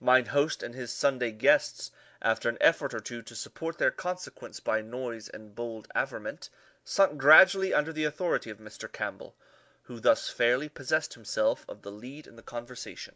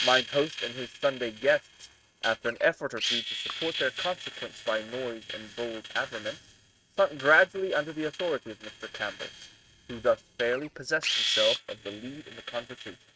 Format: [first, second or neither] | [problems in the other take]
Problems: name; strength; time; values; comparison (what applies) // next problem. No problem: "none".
first | noise reduction (neural mask model RNNoise)